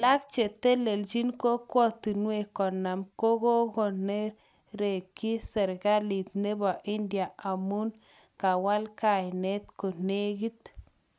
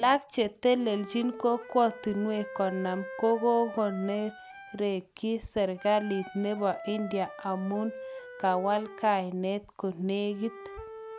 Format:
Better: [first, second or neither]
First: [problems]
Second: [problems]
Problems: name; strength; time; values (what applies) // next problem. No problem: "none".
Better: first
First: none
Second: background sound (Wind instrument, woodwind instrument); 15 dB below the speech